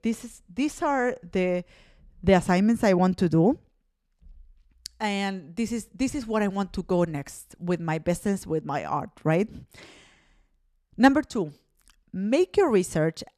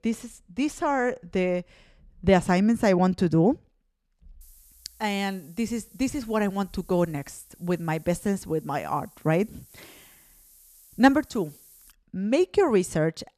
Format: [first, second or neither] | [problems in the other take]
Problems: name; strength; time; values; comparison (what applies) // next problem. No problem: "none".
first | hiss; faint; from 4.5 to 12 s; 25 dB below the speech